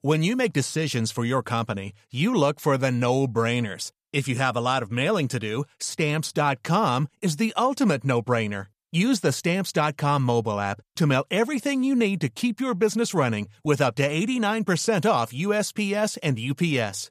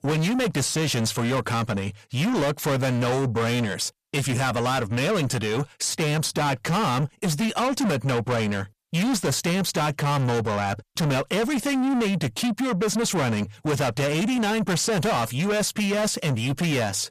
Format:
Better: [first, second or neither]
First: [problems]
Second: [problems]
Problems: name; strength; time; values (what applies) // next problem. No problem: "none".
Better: first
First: none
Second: distortion; heavy; 6 dB below the speech